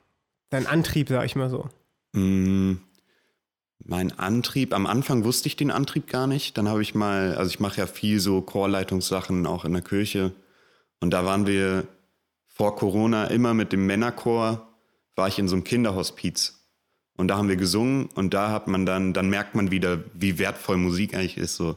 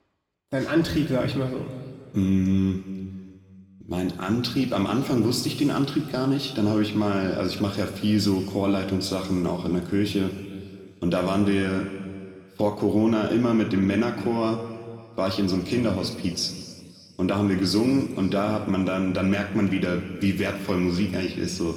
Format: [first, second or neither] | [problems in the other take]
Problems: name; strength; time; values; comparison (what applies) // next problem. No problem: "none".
first | room echo; noticeable; dies away in 2 s // off-mic speech; somewhat distant